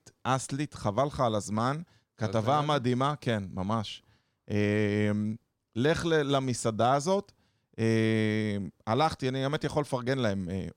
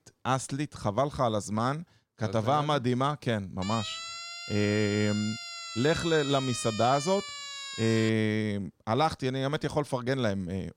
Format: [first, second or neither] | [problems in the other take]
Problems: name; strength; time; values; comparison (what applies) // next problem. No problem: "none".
first | siren; noticeable; from 3.5 to 8 s; peak 7 dB below the speech